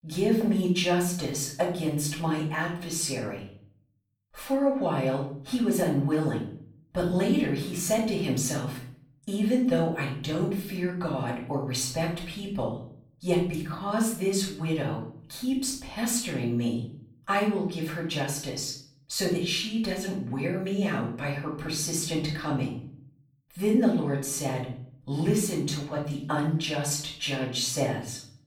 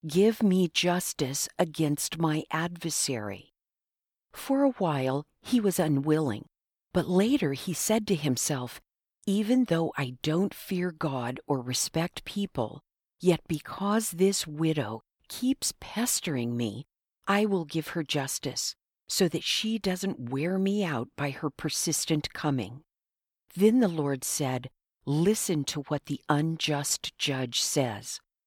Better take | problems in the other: second | off-mic speech; far // room echo; noticeable; dies away in 0.5 s

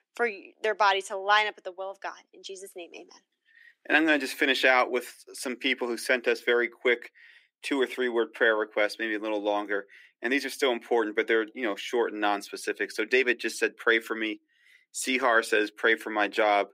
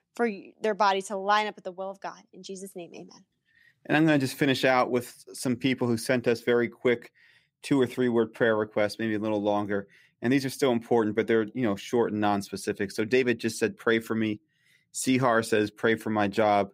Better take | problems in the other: second | thin; somewhat; fading below 300 Hz

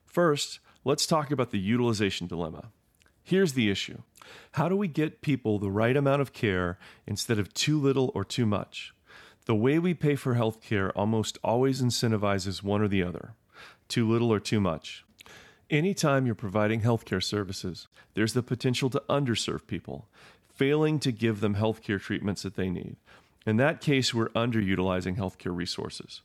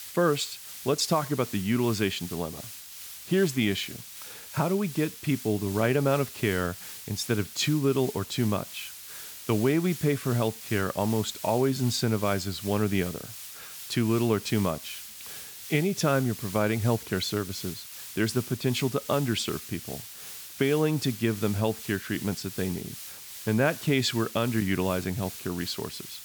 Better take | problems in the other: first | hiss; noticeable; throughout; 10 dB below the speech

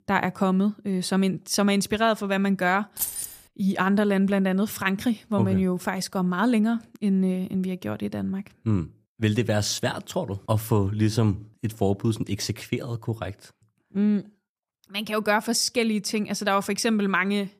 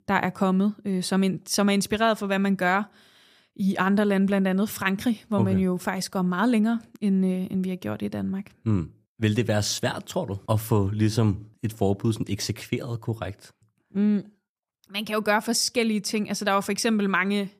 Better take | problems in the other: second | jangling keys; noticeable; at 3 s; peak 3 dB below the speech

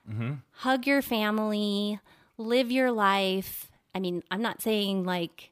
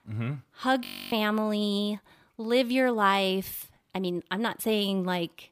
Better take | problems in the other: first | audio freezing; at 1 s

